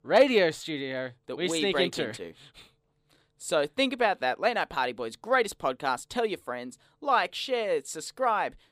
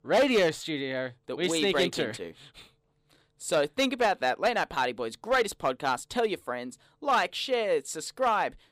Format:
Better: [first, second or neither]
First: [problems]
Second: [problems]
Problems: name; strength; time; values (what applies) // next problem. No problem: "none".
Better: first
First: none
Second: distortion; slight; 3% of the sound clipped